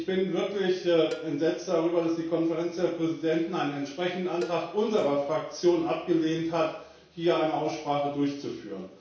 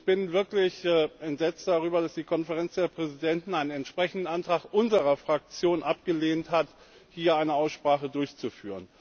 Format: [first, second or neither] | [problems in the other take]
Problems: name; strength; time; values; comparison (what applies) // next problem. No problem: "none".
second | background sound (Cowbell); 19 dB below the speech // room echo; dies away in 0.6 s